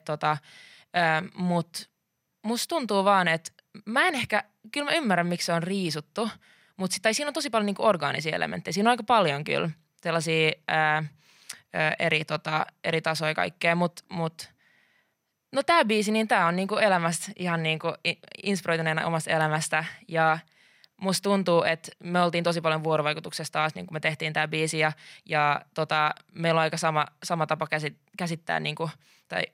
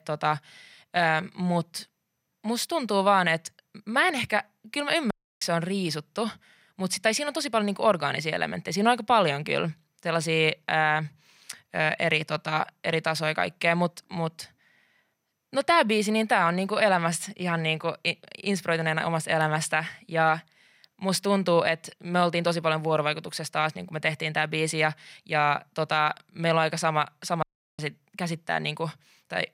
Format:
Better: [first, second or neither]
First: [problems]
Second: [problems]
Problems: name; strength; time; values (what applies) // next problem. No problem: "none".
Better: first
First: none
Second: audio cutting out; at 5 s and at 27 s